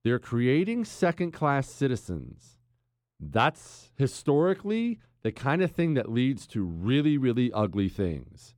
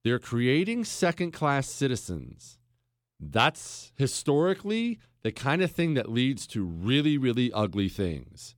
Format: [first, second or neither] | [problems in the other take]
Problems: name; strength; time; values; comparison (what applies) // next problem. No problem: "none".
second | muffled; slightly; fading above 2.5 kHz